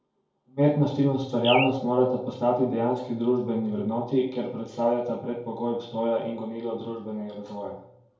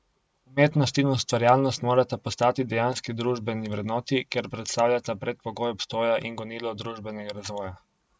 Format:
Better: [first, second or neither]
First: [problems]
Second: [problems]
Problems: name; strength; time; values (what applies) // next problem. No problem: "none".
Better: second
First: background sound (Bird); 8 dB below the speech // room echo; dies away in 2.3 s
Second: none